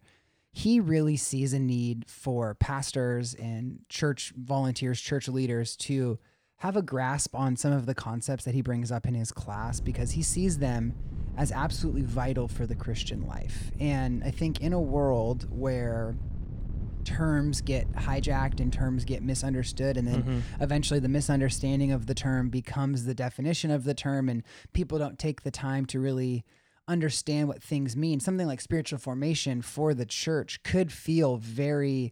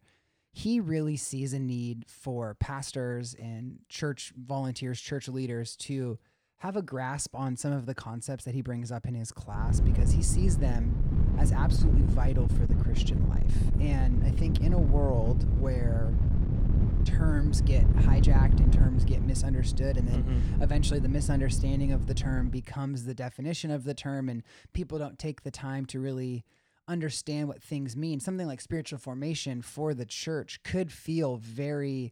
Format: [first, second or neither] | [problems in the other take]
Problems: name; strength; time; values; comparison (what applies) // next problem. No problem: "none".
first | wind noise on the microphone; heavy; from 9.5 to 23 s; 3 dB below the speech; occasional gusts in the first